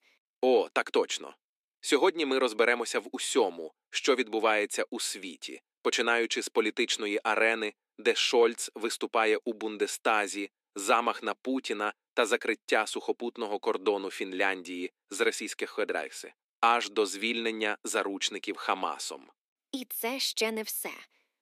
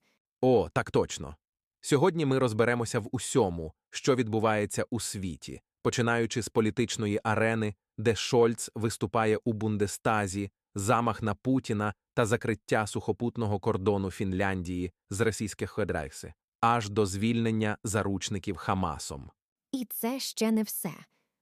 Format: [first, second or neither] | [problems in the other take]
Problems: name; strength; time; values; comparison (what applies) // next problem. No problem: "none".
second | thin; somewhat; fading below 300 Hz